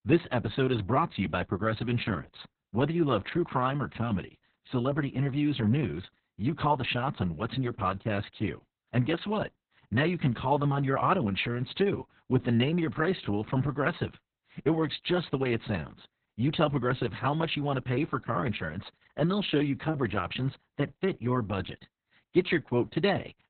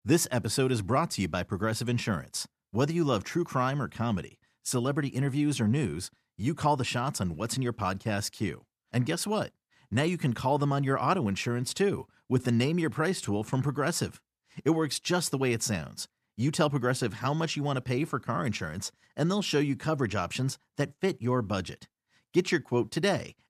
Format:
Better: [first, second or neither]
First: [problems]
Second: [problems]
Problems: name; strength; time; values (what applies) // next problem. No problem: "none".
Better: second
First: garbled, watery; badly; nothing above 4 kHz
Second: none